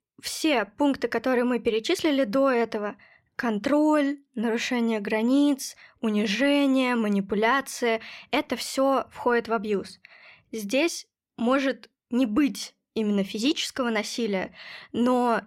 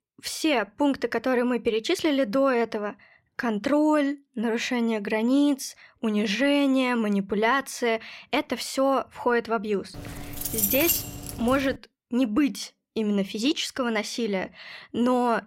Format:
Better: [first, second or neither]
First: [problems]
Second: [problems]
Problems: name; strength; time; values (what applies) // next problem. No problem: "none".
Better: first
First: none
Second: jangling keys; loud; from 10 to 12 s; peak 3 dB above the speech